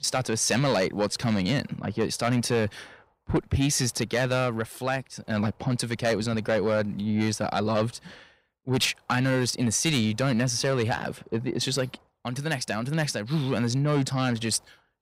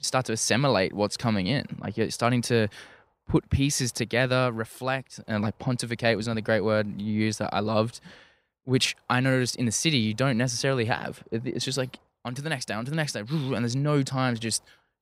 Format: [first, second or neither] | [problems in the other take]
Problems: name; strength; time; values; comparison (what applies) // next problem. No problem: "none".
second | distortion; slight; 10 dB below the speech